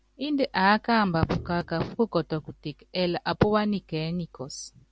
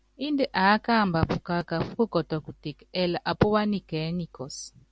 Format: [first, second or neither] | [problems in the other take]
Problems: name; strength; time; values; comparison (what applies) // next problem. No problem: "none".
second | background sound (Bowed string instrument); 17 dB below the speech